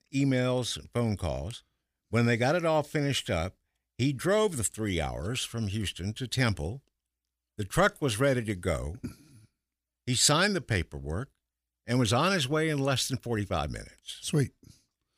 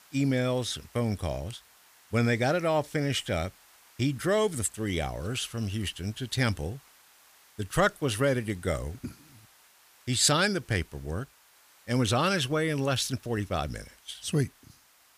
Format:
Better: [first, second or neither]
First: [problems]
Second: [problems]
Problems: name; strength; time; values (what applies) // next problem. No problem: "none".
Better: first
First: none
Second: hiss; faint; throughout; 25 dB below the speech